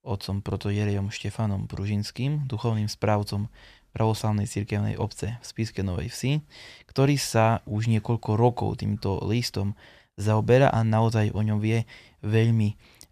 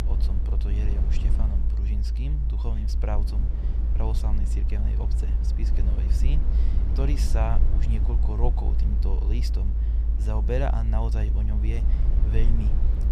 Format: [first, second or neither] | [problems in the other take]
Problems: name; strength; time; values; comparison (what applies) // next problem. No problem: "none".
first | low rumble; loud; throughout; 6 dB below the speech